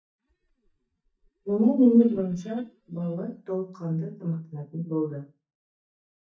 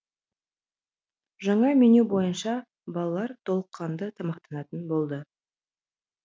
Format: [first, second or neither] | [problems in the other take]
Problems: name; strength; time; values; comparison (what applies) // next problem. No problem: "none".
second | noise reduction (neural mask model DeepFilterNet 3)